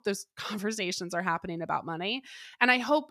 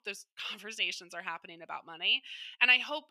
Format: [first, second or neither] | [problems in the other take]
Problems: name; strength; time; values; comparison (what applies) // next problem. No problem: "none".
first | thin; somewhat; fading below 700 Hz